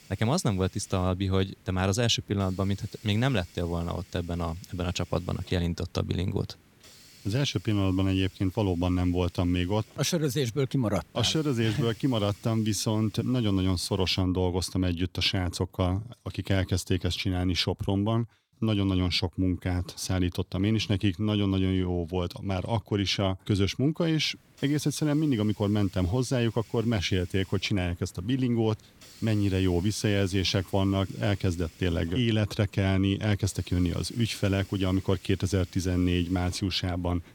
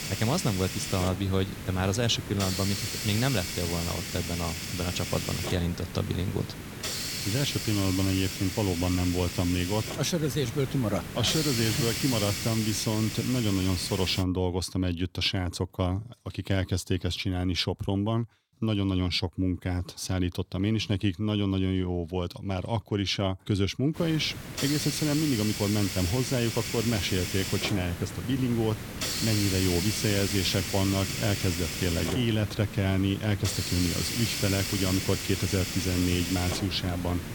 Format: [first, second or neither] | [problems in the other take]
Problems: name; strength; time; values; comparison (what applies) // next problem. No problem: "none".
first | hiss; loud; until 14 s and from 24 s on; 4 dB below the speech; faint in the first